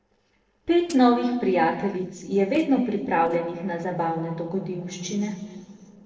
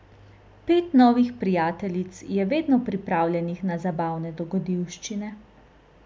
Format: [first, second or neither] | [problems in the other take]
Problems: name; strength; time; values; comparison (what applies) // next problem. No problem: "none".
second | noise reduction (neural separator model SepFormer DNS4)